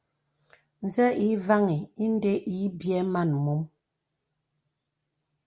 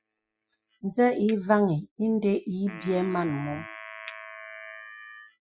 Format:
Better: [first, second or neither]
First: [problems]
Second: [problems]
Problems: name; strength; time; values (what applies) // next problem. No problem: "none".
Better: first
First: none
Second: noise reduction (classical method Wiener filter)